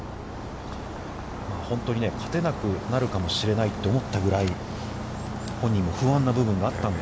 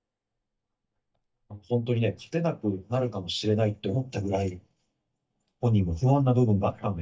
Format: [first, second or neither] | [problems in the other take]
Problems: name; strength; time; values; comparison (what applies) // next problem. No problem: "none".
first | noise reduction (neural mask model DeepFilterNet 3)